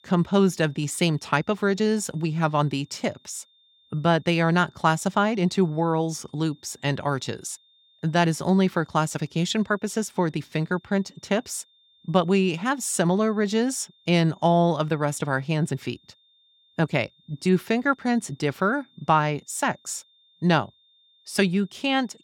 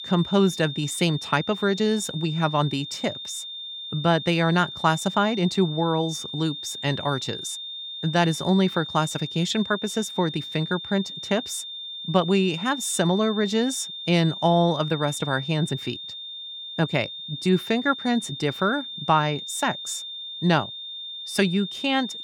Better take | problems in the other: first | high-pitched whine; loud; throughout; 3.5 kHz, 9 dB below the speech; faint in the first

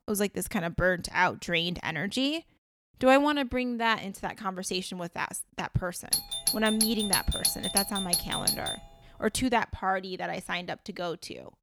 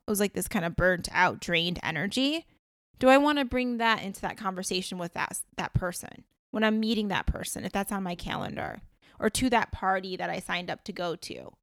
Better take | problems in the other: second | doorbell; loud; from 6 to 8.5 s; peak 4 dB above the speech

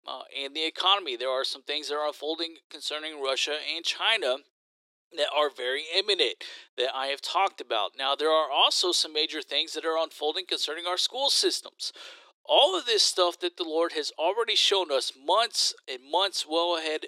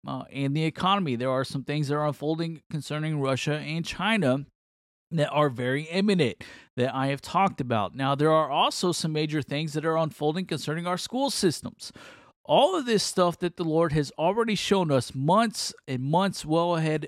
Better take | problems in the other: second | thin; very; fading below 350 Hz

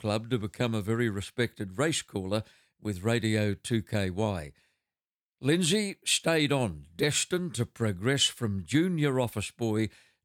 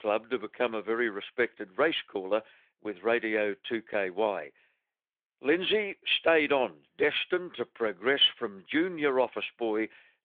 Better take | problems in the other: first | phone-call audio; nothing above 3.5 kHz

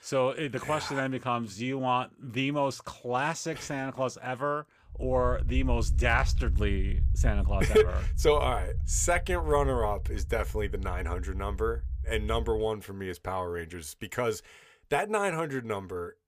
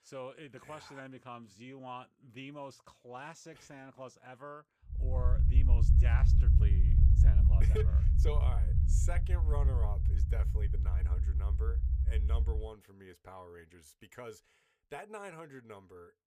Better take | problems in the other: first | low rumble; loud; from 5 to 13 s; 1 dB below the speech; faint in the first

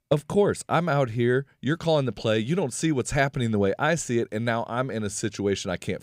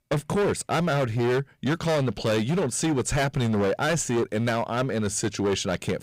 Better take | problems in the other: first | distortion; heavy; 21% of the sound clipped

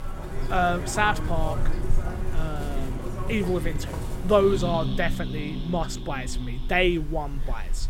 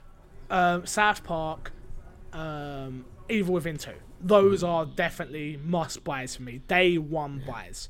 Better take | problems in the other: second | animal sounds; loud; throughout; 6 dB below the speech; faint in the second

